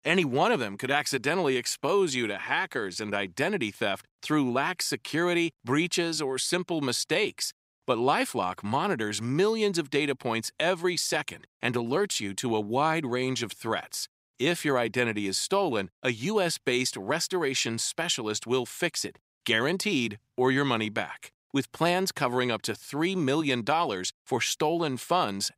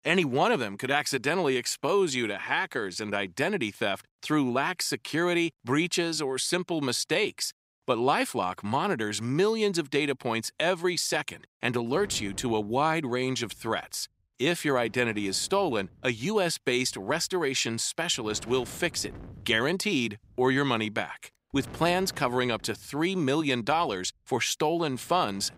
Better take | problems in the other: first | wind noise on the microphone; occasional gusts; from 12 s on; 25 dB below the speech

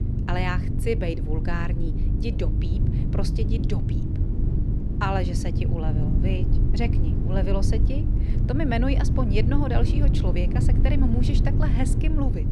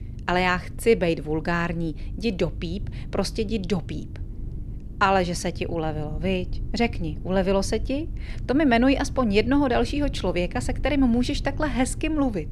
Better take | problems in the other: second | low rumble; loud; throughout; 5 dB below the speech; faint in the second

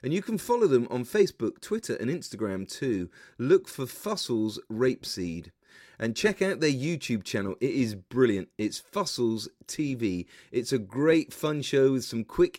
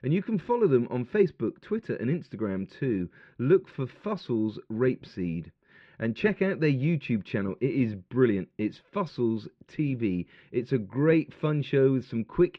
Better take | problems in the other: first | muffled; very; fading above 3 kHz

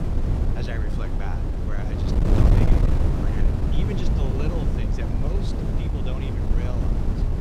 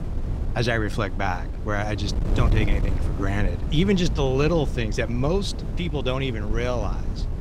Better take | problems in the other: second | wind noise on the microphone; heavy; 5 dB above the speech; occasional gusts in the second

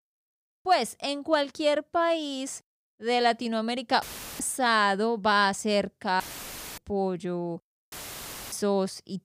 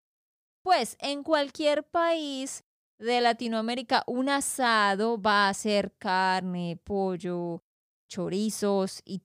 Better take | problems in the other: second | audio cutting out; filled with static; at 4 s, at 6 s for 0.5 s and at 8 s for 0.5 s

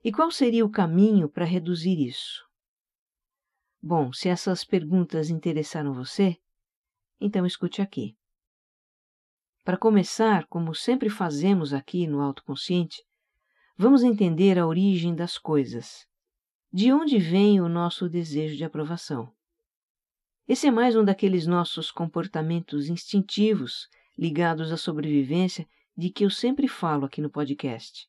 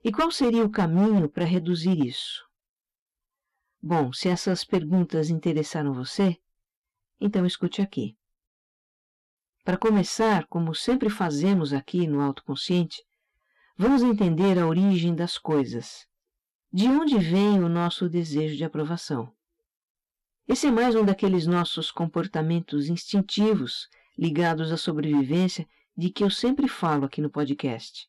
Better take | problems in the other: first | distortion; slight; 7% of the sound clipped

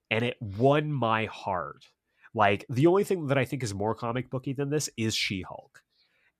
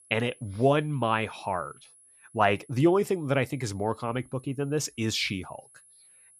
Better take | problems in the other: first | high-pitched whine; faint; throughout; 10.5 kHz, 25 dB below the speech

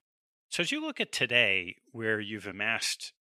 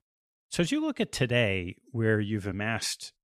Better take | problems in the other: second | thin; somewhat; fading below 450 Hz

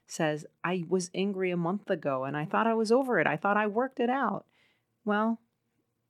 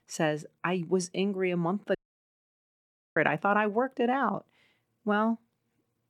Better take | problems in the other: first | audio cutting out; at 2 s for 1 s

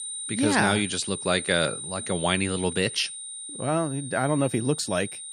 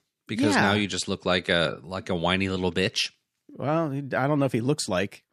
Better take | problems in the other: second | high-pitched whine; loud; throughout; 9 kHz, 8 dB below the speech

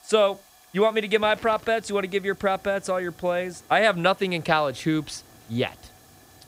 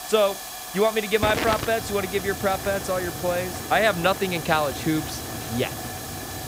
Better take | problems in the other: first | hiss; loud; throughout; 7 dB below the speech; faint in the first

